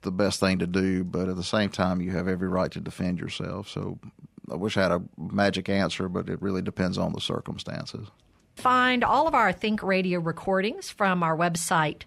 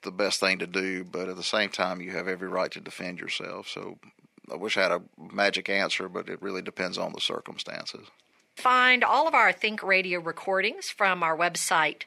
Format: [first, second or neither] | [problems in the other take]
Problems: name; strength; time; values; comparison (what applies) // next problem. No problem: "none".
first | thin; somewhat; fading below 350 Hz